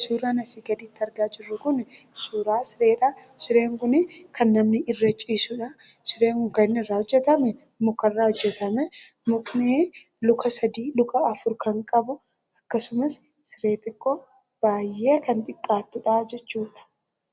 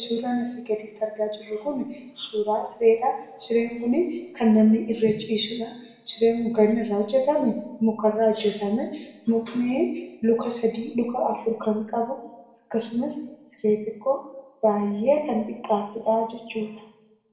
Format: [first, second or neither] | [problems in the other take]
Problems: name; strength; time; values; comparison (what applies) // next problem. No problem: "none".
first | room echo; dies away in 0.8 s